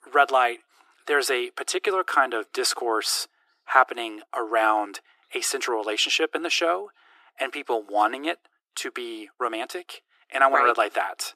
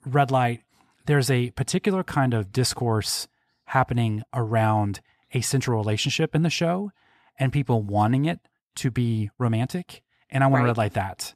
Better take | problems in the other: second | thin; very; fading below 350 Hz

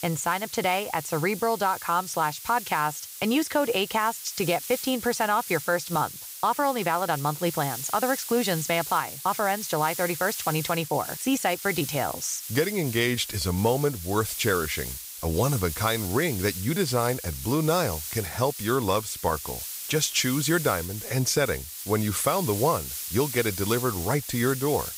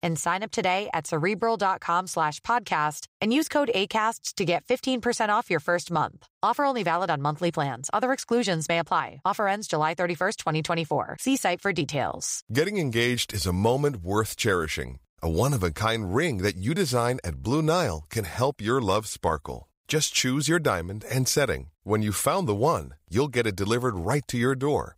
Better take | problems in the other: second | hiss; loud; throughout; 8 dB below the speech

